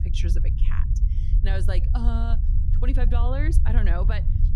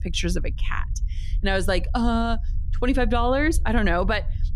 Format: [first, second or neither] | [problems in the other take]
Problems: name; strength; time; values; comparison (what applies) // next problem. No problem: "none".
second | low rumble; loud; throughout; 7 dB below the speech; faint in the second